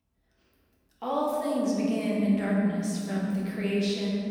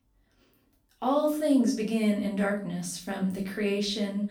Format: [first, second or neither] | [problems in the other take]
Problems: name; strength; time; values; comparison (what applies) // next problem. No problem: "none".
second | room echo; strong; dies away in 2.9 s; slight in the second // off-mic speech; far; far in the second